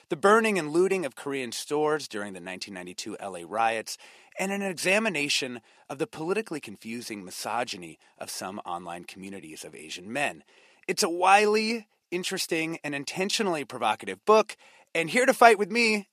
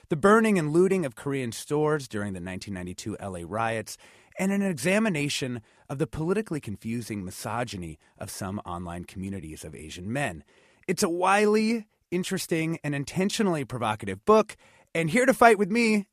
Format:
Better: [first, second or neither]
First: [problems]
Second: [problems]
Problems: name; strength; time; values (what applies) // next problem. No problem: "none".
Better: second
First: thin; somewhat; fading below 300 Hz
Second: none